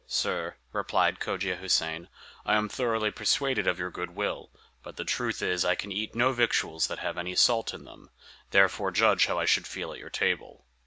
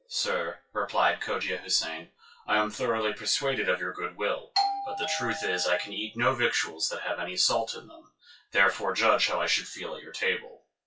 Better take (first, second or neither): first